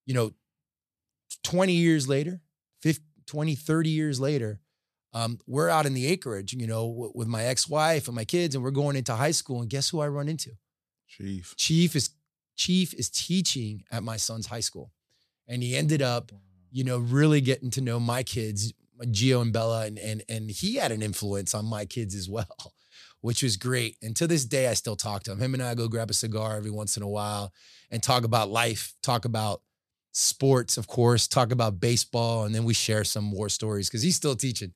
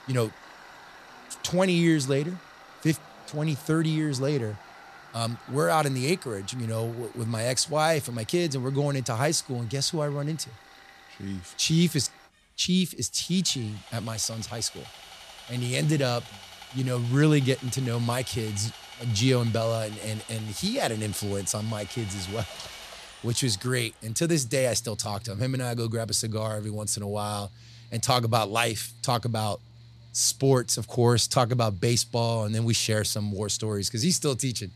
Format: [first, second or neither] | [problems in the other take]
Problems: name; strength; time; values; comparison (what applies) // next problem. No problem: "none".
first | machinery noise; noticeable; throughout; 20 dB below the speech